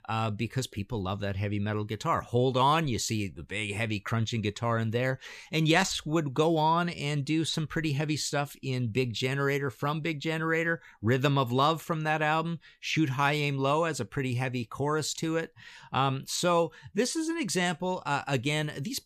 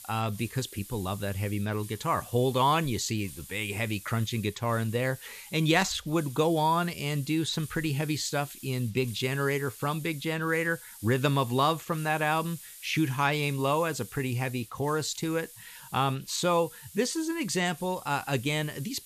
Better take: first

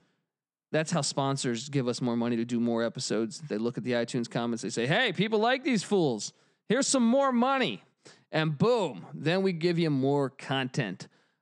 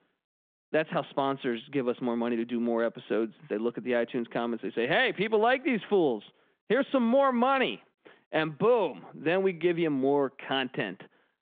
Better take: first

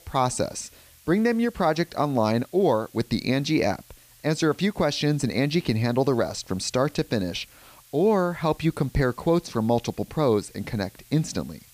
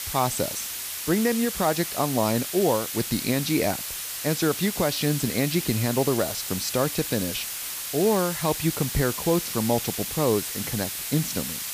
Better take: first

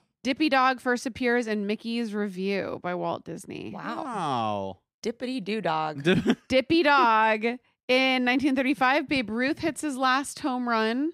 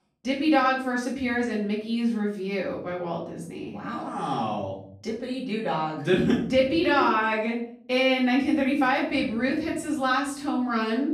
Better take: first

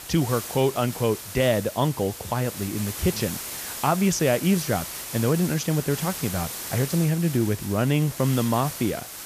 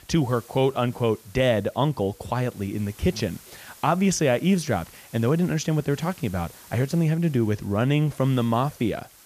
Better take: second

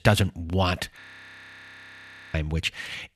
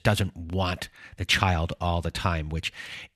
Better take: second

